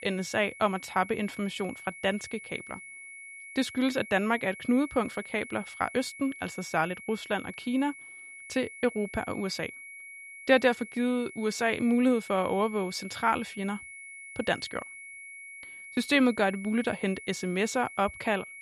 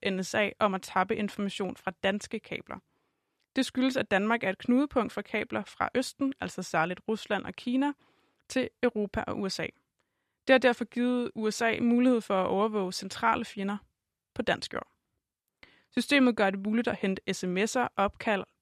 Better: second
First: high-pitched whine; noticeable; throughout; 2 kHz, 15 dB below the speech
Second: none

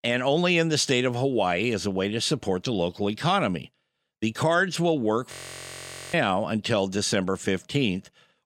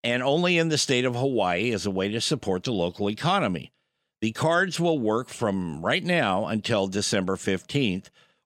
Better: second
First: audio freezing; at 5.5 s for 1 s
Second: none

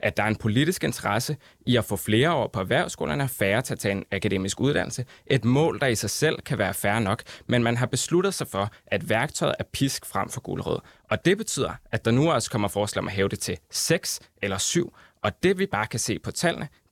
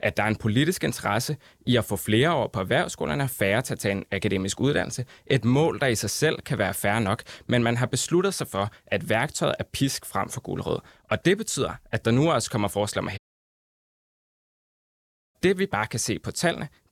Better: first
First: none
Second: audio cutting out; at 13 s for 2 s

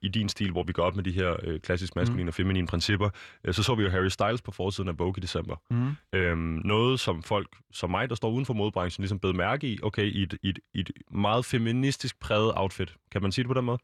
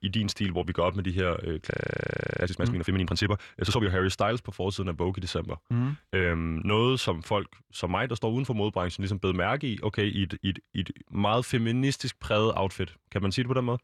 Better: first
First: none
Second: audio freezing; at 1.5 s for 0.5 s

